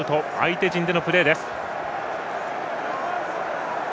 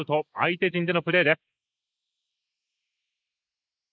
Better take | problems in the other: first | noise reduction (neural mask model Resemble Enhance denoiser)

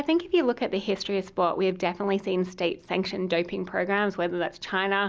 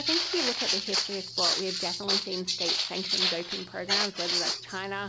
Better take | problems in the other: first | background sound (Walk, footsteps); 5 dB above the speech

